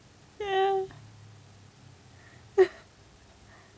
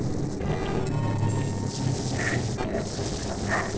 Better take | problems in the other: first | noise reduction (neural separator model SepFormer DNS4)

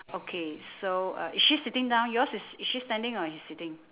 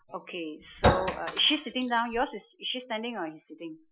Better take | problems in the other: first | noise reduction (classical method Wiener filter)

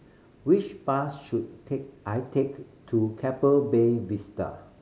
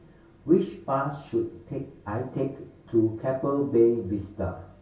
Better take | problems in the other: first | room echo; dies away in 0.2 s

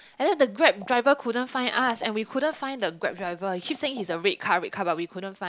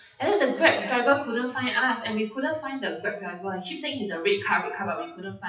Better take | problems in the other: first | noise reduction (classical method WPE with log-MMSE)

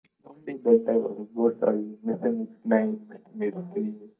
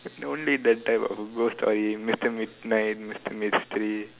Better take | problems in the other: second | noise reduction (neural mask model DeepFilterNet 3)

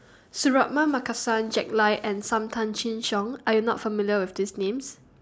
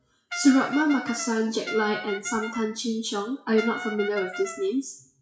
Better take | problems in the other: first | noise reduction (classical method WPE with log-MMSE)

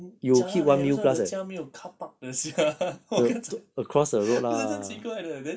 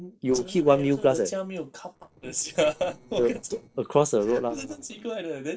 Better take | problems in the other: first | noise reduction (neural separator model SepFormer DNS4)

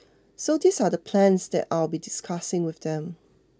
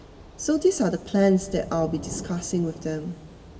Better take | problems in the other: first | background sound (Thunder / Rain); 15 dB below the speech // room echo; dies away in 1.6 s

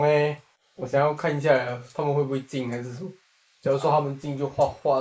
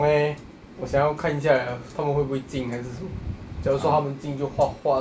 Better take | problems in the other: second | noise reduction (neural mask model Resemble Enhance denoiser)

